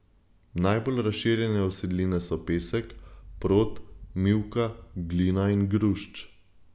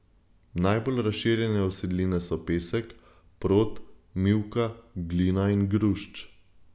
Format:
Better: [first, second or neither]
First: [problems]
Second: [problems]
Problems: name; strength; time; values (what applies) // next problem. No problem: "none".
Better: second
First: background sound (Thunder / Wind); 19 dB below the speech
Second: none